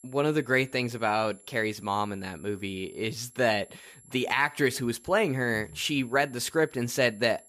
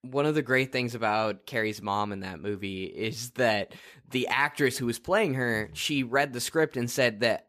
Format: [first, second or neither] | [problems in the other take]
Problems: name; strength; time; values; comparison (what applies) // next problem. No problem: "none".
second | high-pitched whine; faint; throughout; 11 kHz, 25 dB below the speech